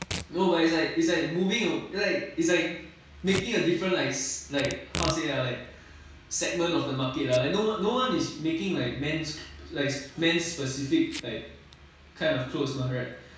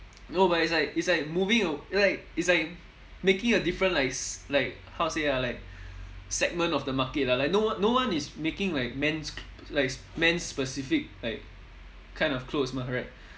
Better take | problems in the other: second | background sound (Packing tape, duct tape / Tearing); 15 dB below the speech // room echo; dies away in 0.6 s

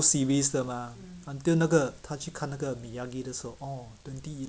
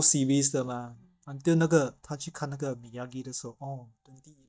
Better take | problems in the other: first | noise reduction (neural mask model DeepFilterNet 3)

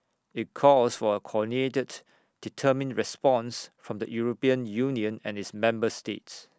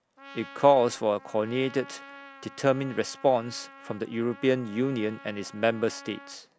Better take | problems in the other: first | background sound (Trumpet); 20 dB below the speech

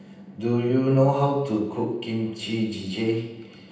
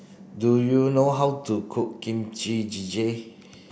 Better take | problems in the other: second | room echo; dies away in 0.9 s

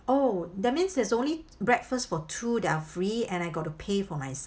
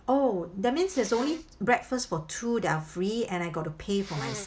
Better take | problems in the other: first | background sound (Sneeze); 18 dB below the speech

